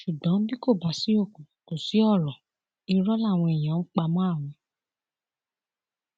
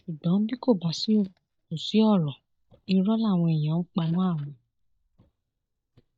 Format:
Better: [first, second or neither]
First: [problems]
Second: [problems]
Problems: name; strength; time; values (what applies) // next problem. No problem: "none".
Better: first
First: none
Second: noise reduction (neural mask model DeepFilterNet 3)